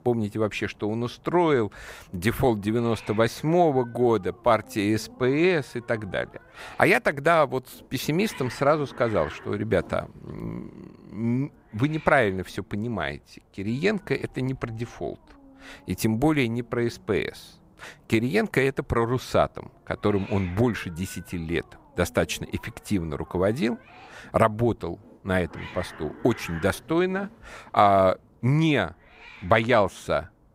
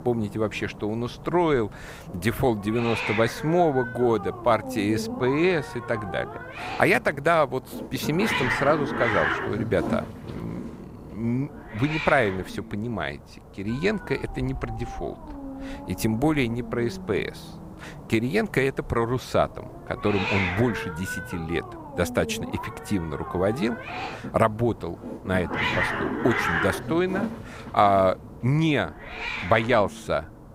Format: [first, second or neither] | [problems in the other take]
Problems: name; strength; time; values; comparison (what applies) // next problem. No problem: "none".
first | hiss; loud; throughout; 6 dB below the speech; faint in the first